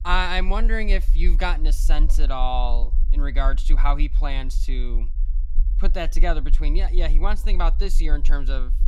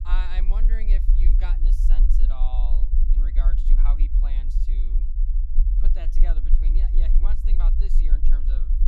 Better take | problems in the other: first | low rumble; loud; throughout; 4 dB below the speech; faint in the first

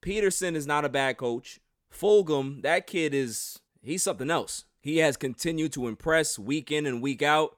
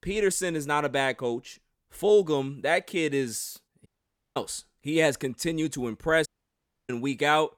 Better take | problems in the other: first | audio cutting out; at 4 s for 0.5 s and at 6.5 s for 0.5 s

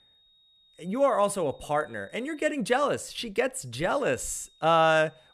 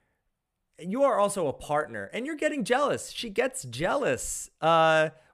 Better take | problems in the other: second | high-pitched whine; faint; until 2.5 s and from 4 s on; 3.5 kHz, 30 dB below the speech

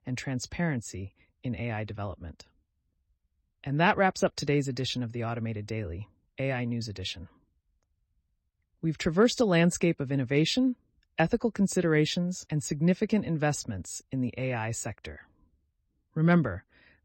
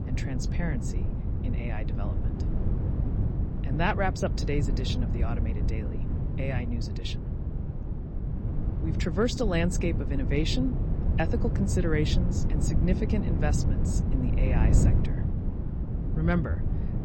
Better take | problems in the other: first | wind noise on the microphone; heavy; 7 dB below the speech

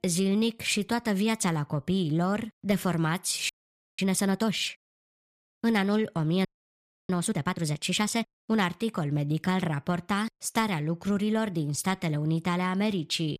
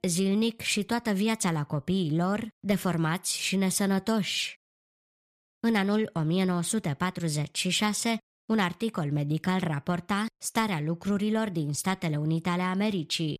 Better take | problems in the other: second | audio freezing; at 3.5 s and at 6.5 s for 0.5 s

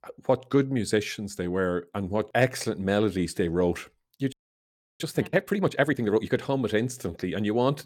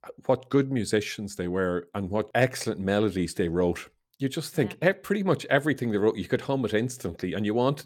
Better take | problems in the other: second | audio freezing; at 4.5 s for 0.5 s

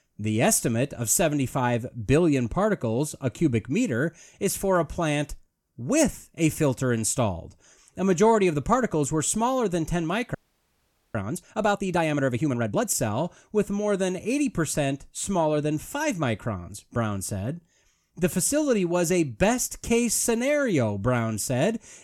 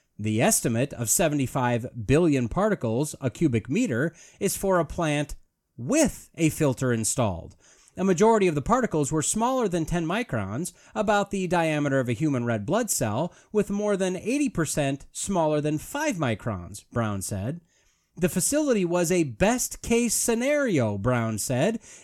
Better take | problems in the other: second | audio freezing; at 10 s for 1 s

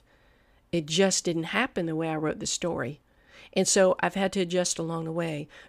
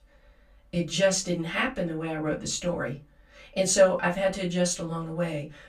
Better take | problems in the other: first | off-mic speech; far // room echo; very slight; dies away in 0.2 s

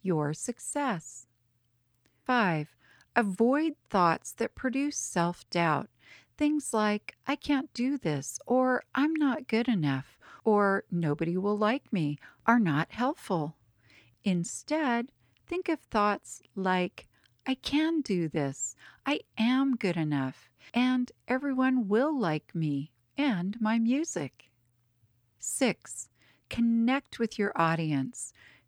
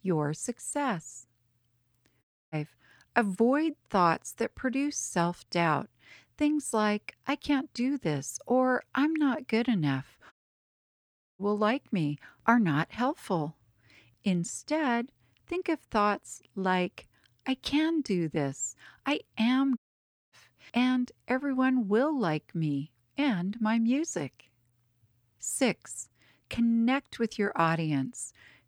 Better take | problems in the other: first | audio cutting out; at 2 s, at 10 s for 1 s and at 20 s for 0.5 s

